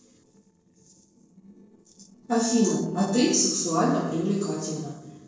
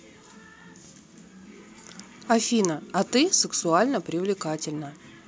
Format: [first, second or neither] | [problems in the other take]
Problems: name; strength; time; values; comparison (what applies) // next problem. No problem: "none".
second | noise reduction (neural separator model SepFormer DNS4)